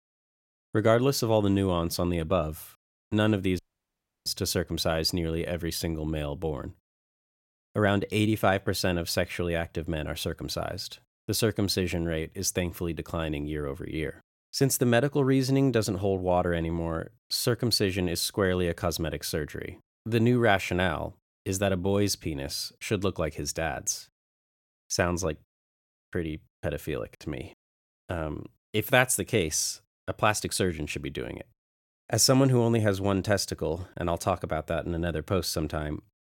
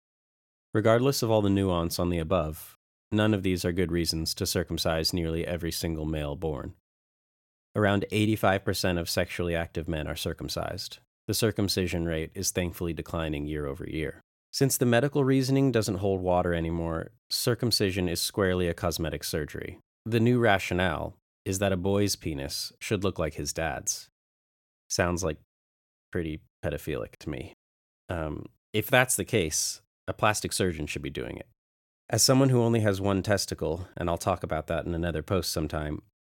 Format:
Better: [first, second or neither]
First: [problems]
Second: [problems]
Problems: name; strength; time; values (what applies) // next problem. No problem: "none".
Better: second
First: audio cutting out; at 3.5 s for 0.5 s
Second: none